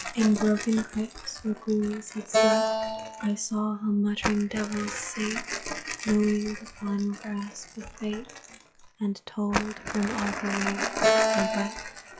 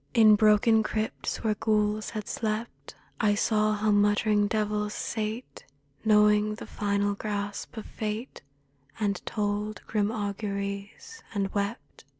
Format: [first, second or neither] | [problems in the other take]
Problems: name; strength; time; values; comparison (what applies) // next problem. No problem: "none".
second | noise reduction (classical method log-MMSE)